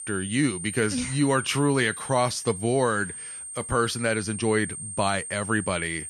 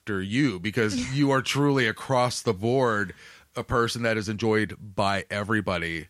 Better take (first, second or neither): second